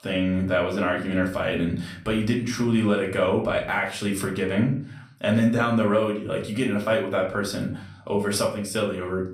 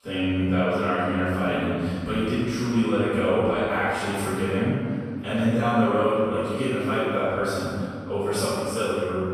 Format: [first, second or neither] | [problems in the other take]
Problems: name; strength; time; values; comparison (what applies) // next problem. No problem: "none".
first | room echo; strong; dies away in 2.2 s; slight in the first // off-mic speech; far; far in the first